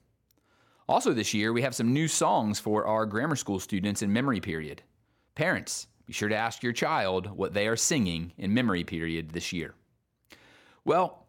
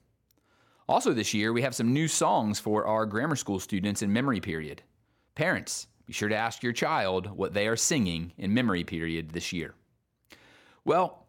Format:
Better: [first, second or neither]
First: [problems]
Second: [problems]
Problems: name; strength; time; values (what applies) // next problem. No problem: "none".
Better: neither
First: none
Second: none